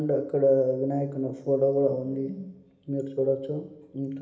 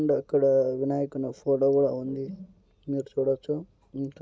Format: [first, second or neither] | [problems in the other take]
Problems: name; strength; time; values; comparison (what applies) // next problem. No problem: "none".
second | room echo; dies away in 1.1 s